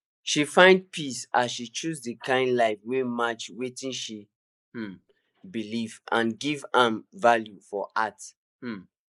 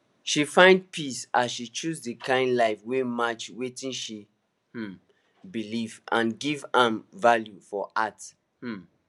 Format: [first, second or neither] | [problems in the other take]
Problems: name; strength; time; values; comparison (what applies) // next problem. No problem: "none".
second | noise reduction (neural mask model Resemble Enhance denoiser)